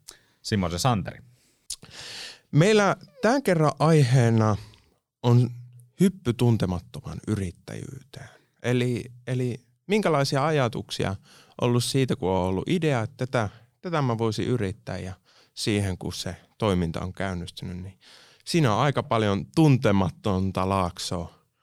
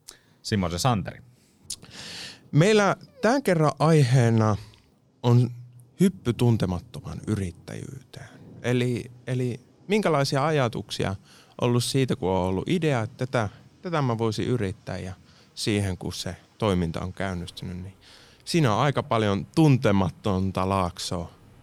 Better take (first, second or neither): first